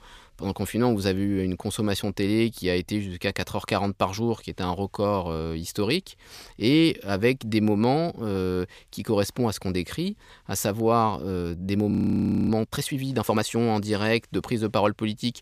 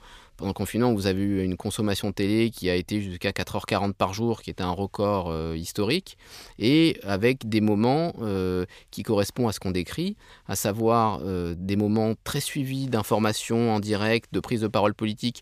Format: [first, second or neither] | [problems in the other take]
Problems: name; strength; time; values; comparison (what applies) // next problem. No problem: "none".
second | audio freezing; at 12 s for 0.5 s